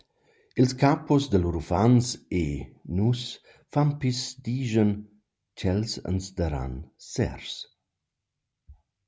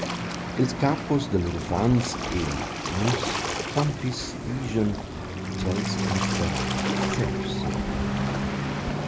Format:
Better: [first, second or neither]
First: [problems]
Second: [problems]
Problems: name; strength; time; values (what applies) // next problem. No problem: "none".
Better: first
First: none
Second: background sound (Waves, surf); as loud as the speech